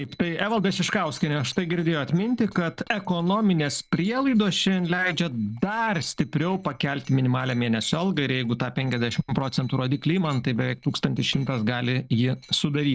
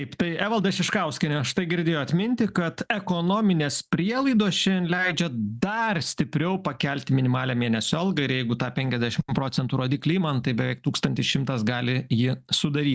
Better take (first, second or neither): second